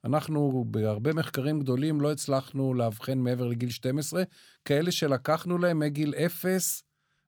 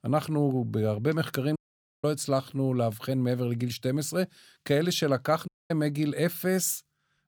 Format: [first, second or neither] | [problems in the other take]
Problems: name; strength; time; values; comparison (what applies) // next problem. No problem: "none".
first | audio cutting out; at 1.5 s and at 5.5 s